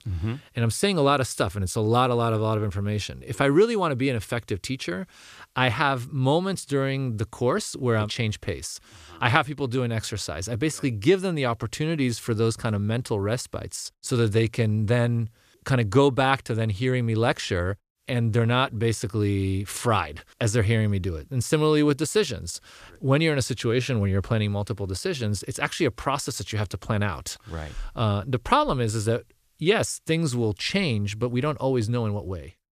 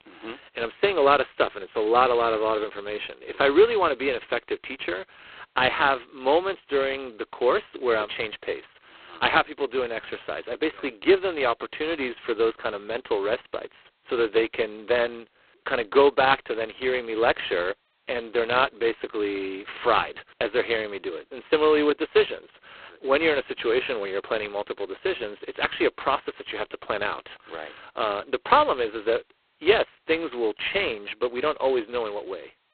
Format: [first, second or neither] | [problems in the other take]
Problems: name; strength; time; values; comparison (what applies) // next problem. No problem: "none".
first | phone-call audio; poor line; nothing above 4 kHz